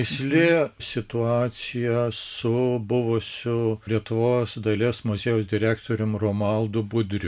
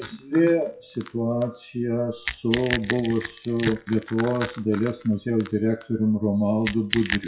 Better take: first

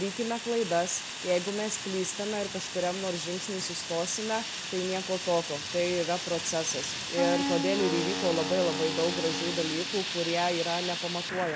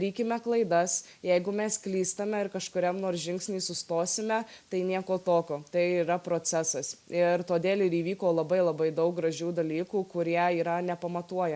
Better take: second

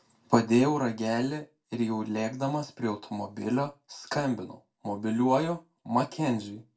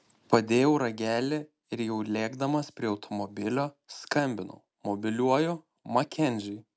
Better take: second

